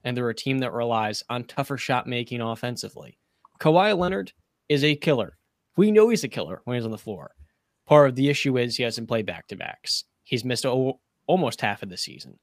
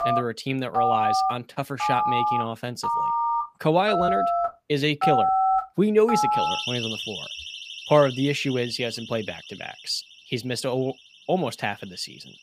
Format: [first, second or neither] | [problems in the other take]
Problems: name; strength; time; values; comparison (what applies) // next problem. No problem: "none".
first | alarms or sirens; very loud; throughout; 1 dB above the speech